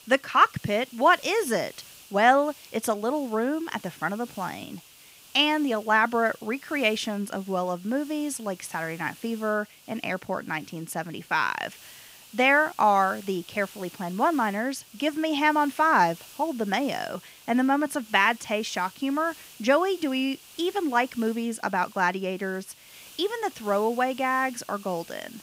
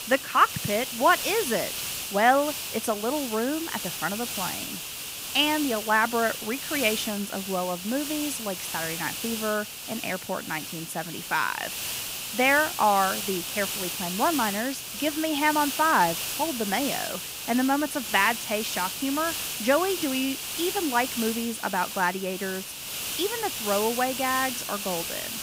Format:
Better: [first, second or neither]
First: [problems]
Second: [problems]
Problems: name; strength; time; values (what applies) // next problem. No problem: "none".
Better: first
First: hiss; faint; throughout; 20 dB below the speech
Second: hiss; loud; throughout; 4 dB below the speech